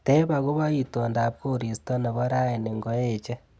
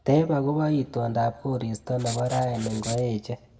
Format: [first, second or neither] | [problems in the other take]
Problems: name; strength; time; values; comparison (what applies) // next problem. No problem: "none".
first | background sound (Writing); 13 dB below the speech // room echo; dies away in 0.6 s